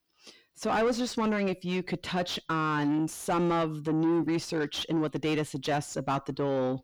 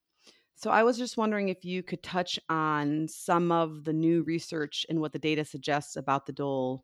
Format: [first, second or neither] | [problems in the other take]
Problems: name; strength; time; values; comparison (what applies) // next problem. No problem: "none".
second | distortion; heavy; 7 dB below the speech